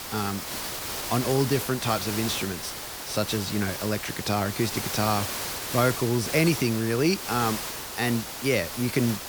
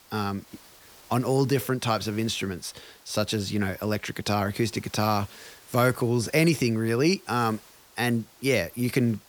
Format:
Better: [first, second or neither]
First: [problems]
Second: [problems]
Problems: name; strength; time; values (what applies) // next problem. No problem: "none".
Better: second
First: hiss; loud; throughout; 5 dB below the speech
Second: hiss; faint; throughout; 25 dB below the speech